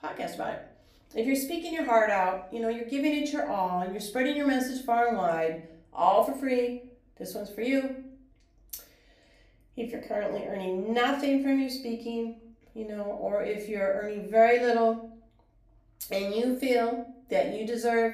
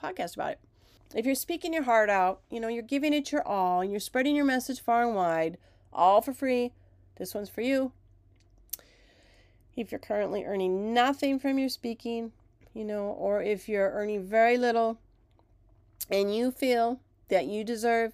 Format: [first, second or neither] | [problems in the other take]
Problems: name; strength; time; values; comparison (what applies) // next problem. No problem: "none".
second | room echo; slight; dies away in 0.4 s // off-mic speech; far